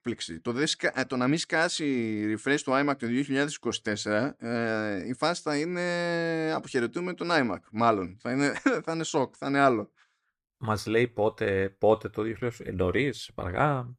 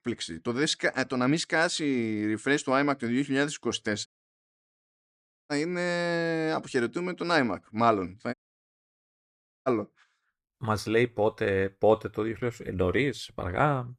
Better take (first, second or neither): first